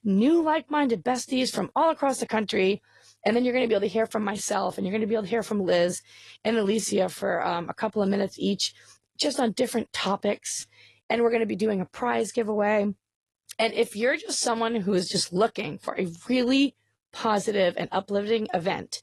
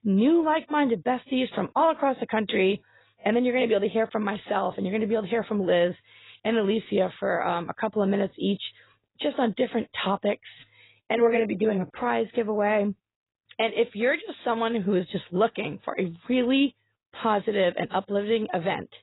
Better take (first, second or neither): first